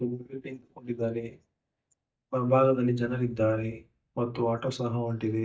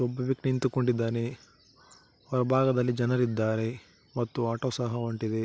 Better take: second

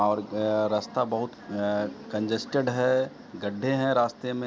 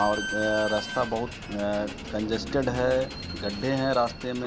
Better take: first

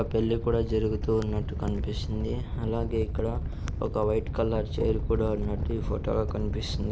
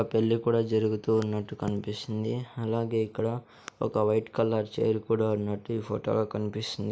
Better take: second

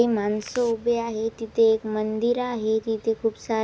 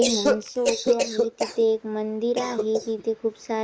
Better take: first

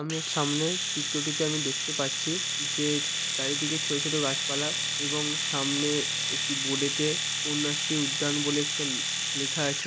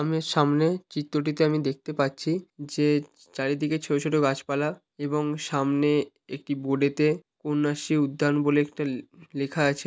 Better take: second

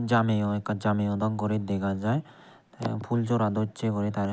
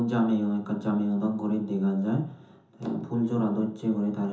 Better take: first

